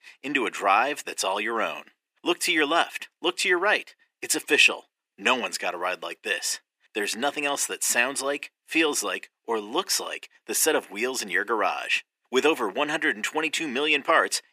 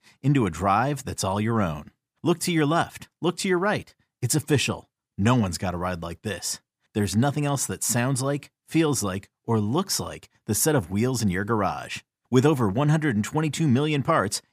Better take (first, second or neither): second